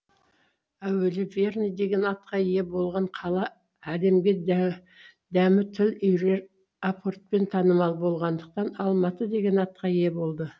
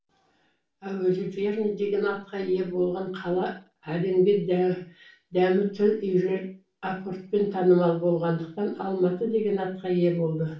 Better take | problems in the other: first | room echo; dies away in 0.4 s

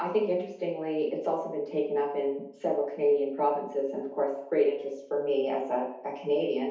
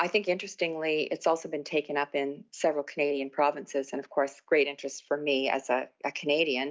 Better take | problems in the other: second | room echo; dies away in 0.8 s

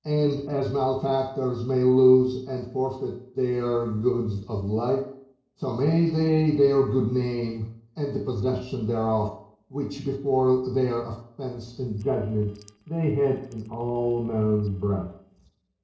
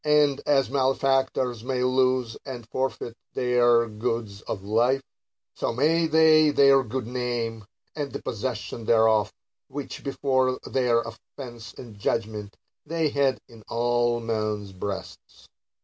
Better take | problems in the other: second | noise reduction (neural separator model SepFormer DNS4)

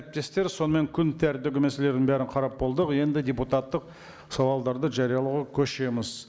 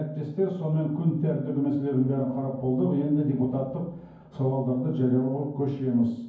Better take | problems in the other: first | room echo; dies away in 0.9 s

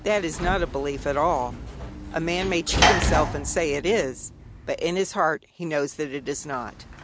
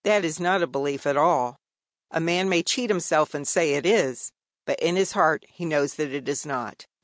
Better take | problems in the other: second | background sound (Sliding door / Slam); 3 dB below the speech

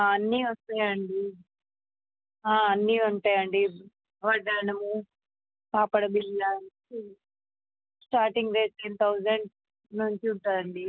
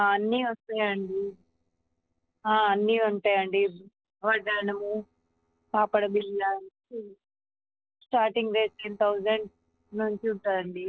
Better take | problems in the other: first | noise reduction (neural separator model SepFormer DNS4)

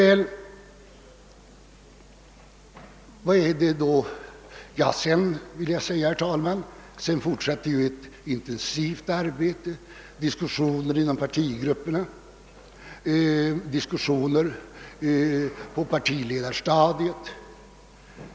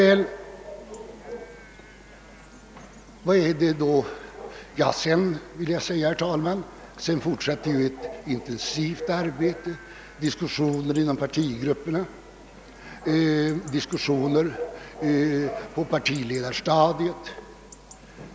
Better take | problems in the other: first | background sound (Bark / Chatter / Chirp, tweet / Livestock, farm animals, working animals); 16 dB below the speech

